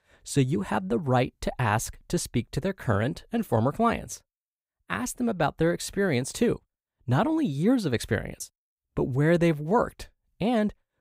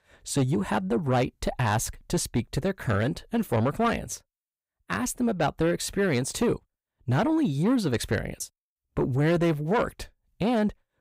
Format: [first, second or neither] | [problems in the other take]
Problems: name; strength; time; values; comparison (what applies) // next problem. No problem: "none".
first | distortion; slight; 10 dB below the speech